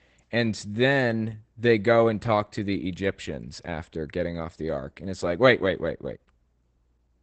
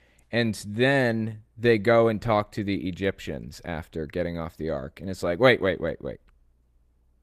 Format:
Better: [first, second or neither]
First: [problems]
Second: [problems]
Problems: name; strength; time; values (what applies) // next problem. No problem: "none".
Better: second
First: garbled, watery; badly; nothing above 8 kHz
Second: garbled, watery; slightly; nothing above 14.5 kHz